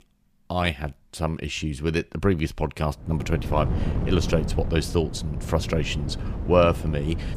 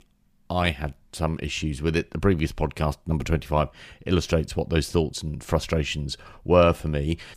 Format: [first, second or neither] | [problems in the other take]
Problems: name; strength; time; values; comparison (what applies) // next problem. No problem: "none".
second | wind noise on the microphone; occasional gusts; from 3 s on; 10 dB below the speech